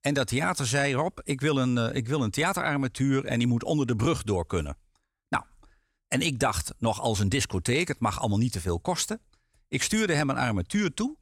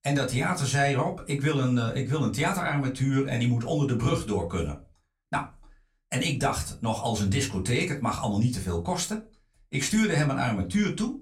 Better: first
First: none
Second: off-mic speech; far // room echo; very slight; dies away in 0.2 s

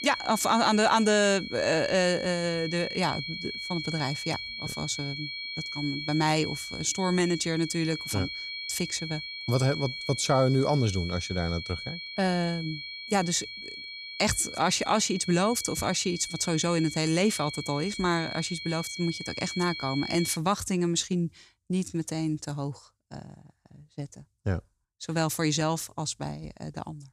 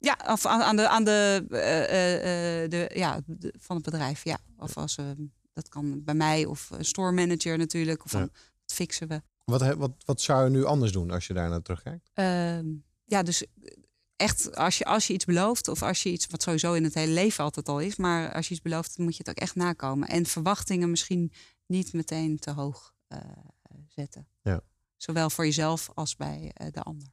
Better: second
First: high-pitched whine; loud; until 20 s; 2.5 kHz, 8 dB below the speech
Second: none

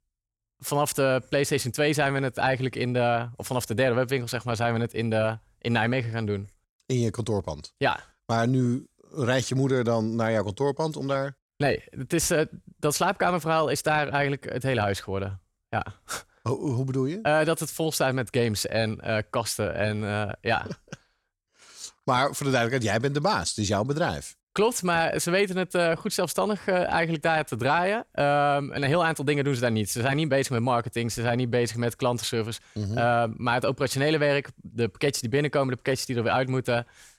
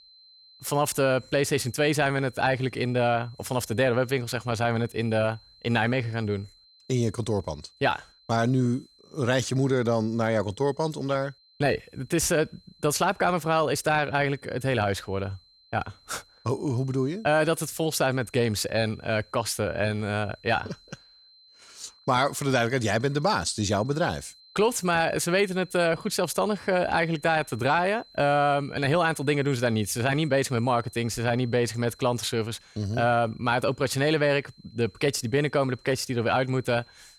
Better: first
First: none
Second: high-pitched whine; faint; throughout; 4 kHz, 30 dB below the speech

